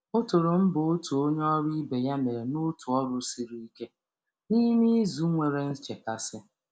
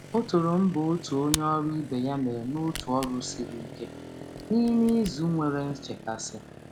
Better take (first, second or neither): first